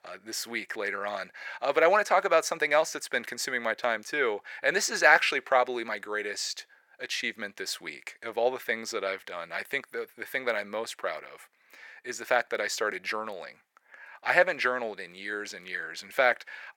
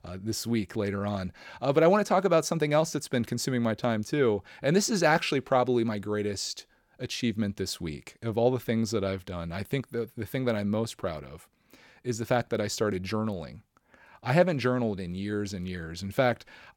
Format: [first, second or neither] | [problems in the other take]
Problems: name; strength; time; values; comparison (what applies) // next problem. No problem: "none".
second | thin; very; fading below 650 Hz